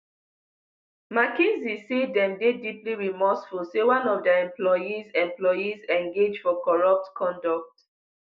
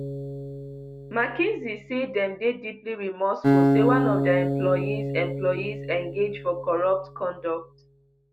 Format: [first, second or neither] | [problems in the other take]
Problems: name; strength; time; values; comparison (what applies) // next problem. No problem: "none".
first | background sound (Acoustic guitar); as loud as the speech